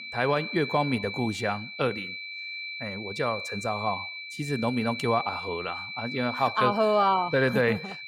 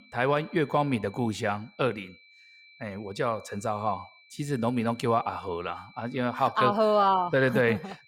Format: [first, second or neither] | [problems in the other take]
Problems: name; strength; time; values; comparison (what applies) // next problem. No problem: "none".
second | high-pitched whine; loud; throughout; 2.5 kHz, 8 dB below the speech; faint in the second